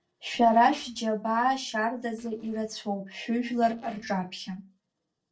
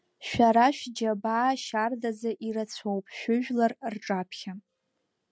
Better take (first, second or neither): second